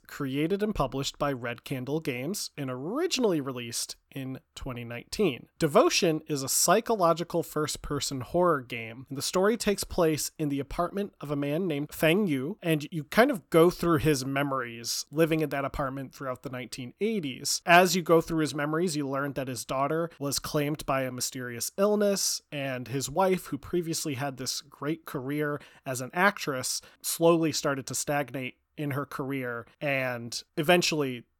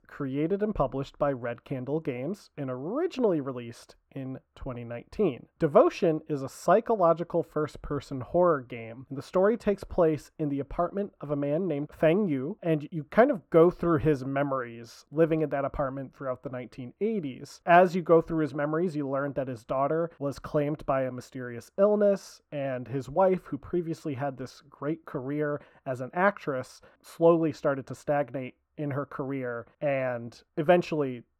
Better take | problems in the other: first | muffled; very; fading above 3 kHz

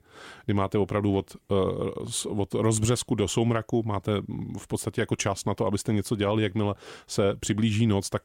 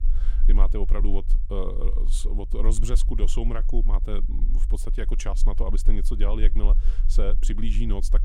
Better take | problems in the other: first | low rumble; noticeable; throughout; 15 dB below the speech

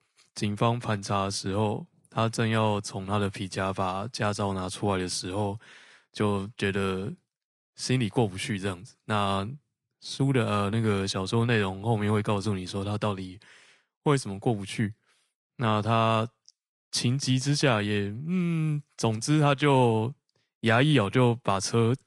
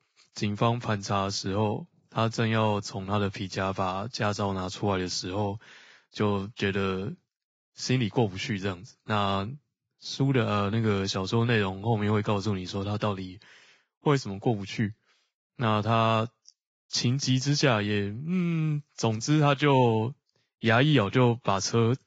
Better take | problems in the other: first | garbled, watery; badly; slightly in the first

